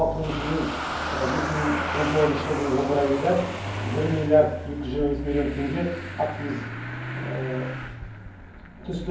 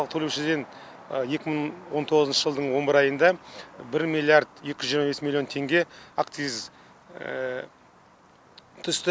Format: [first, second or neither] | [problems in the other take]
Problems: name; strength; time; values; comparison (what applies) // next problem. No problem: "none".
second | background sound (Engine starting / Motor vehicle (road)); 5 dB below the speech // room echo; dies away in 0.9 s